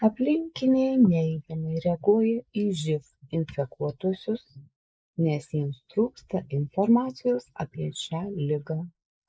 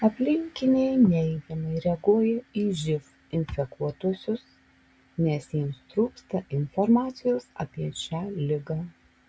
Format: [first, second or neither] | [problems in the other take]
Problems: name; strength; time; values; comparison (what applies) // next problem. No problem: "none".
second | noise reduction (neural mask model Resemble Enhance denoiser)